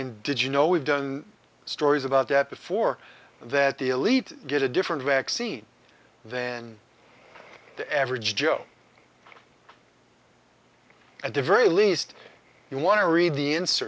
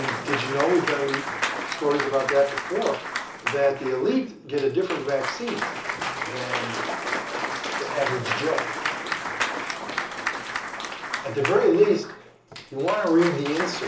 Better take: first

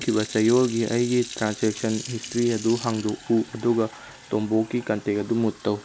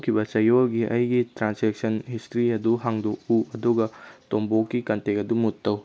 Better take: second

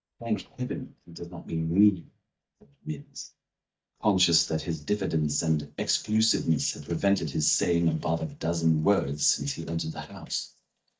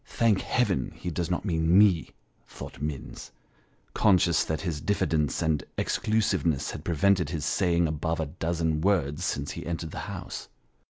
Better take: second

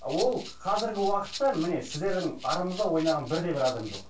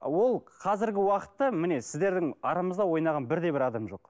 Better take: second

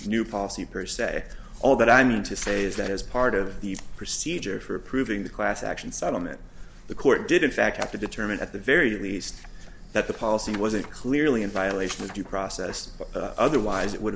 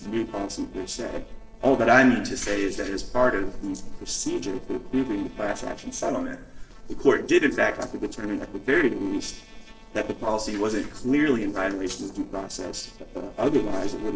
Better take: first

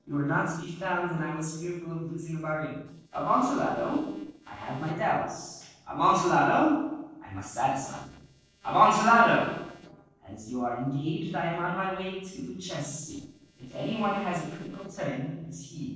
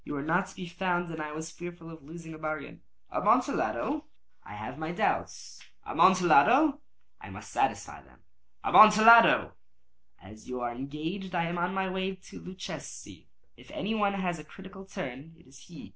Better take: second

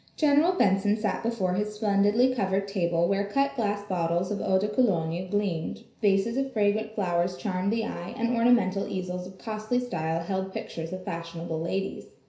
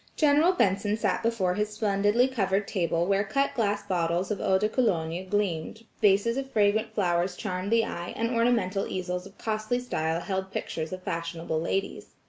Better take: second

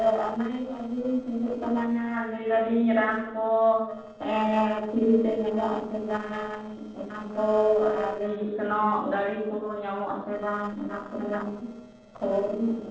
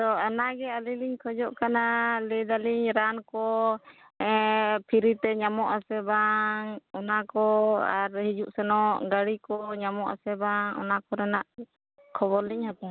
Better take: second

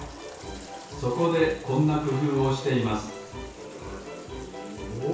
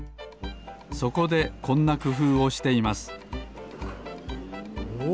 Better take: second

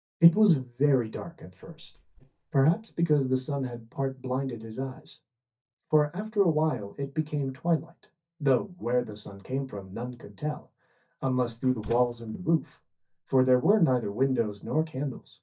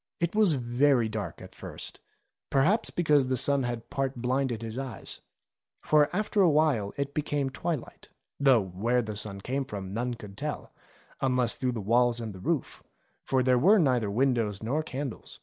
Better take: second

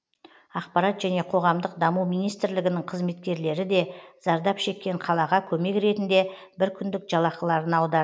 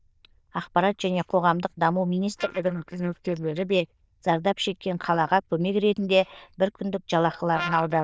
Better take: first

